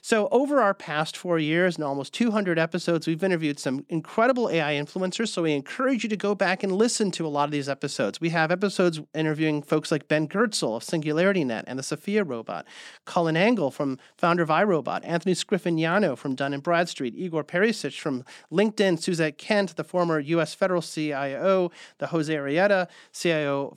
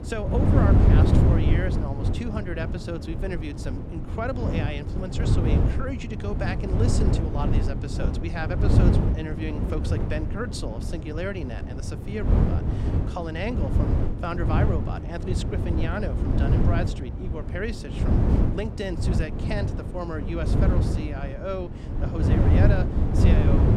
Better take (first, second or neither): first